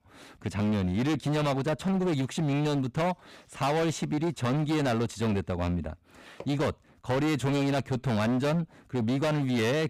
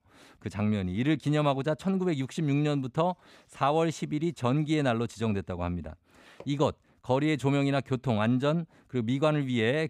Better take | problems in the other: second | distortion; heavy; 24% of the sound clipped

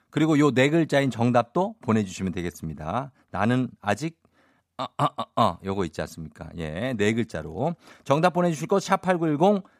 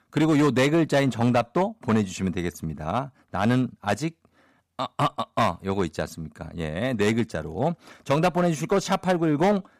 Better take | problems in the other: first | distortion; slight; 7% of the sound clipped

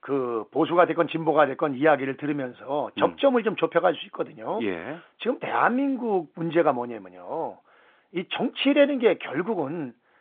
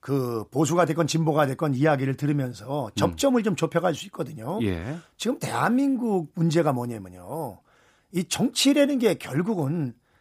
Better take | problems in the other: second | phone-call audio; nothing above 3.5 kHz

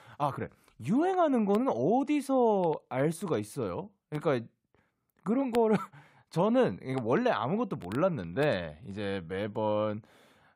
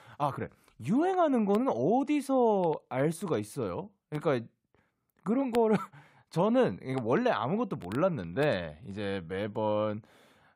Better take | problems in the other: neither | none

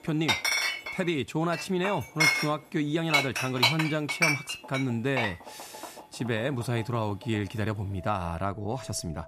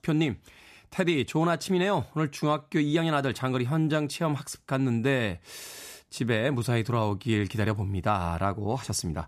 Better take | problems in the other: second | household noises; very loud; throughout; 3 dB above the speech

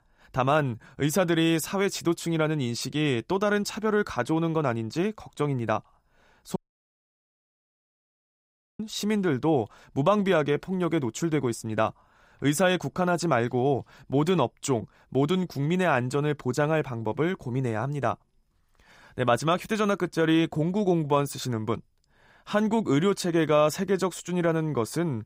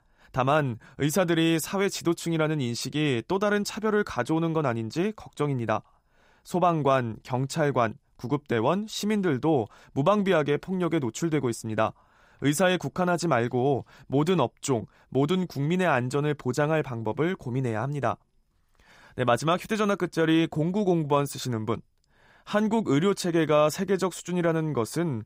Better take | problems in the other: second | audio cutting out; at 6.5 s for 2 s

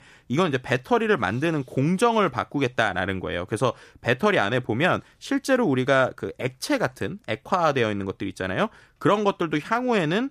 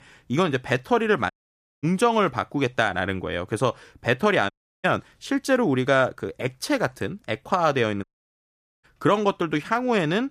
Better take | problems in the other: first | audio cutting out; at 1.5 s for 0.5 s, at 4.5 s and at 8 s for 1 s

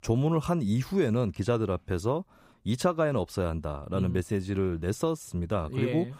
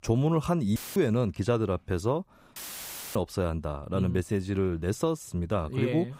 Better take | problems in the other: first | audio cutting out; filled with static; at 1 s and at 2.5 s for 0.5 s

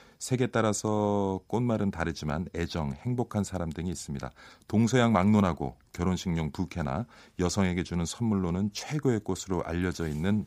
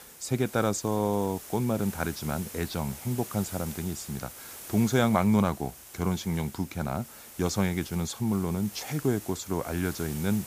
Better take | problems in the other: first | hiss; noticeable; throughout; 15 dB below the speech

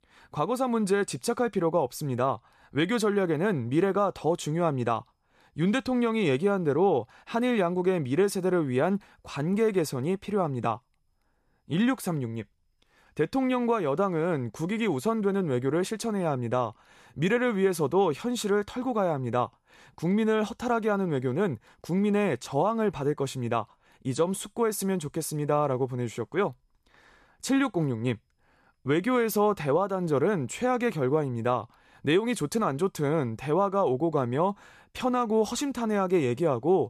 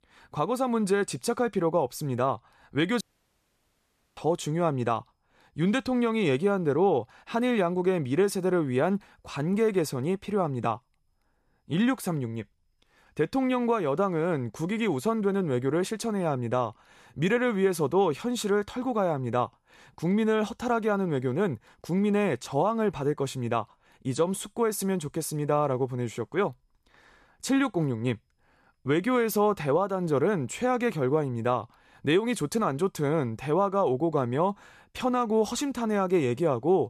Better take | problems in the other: first | audio cutting out; at 3 s for 1 s

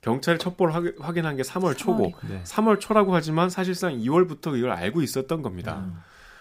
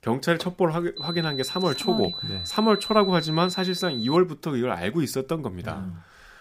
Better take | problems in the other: first | high-pitched whine; loud; from 1 to 4 s; 4 kHz, 6 dB below the speech; faint in the first

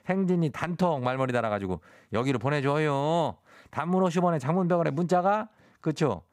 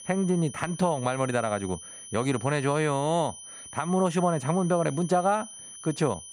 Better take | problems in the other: first | high-pitched whine; noticeable; throughout; 9.5 kHz, 15 dB below the speech

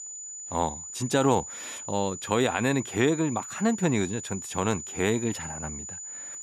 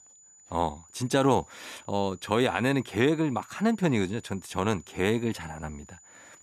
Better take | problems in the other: second | high-pitched whine; loud; throughout; 7 kHz, 9 dB below the speech; faint in the second

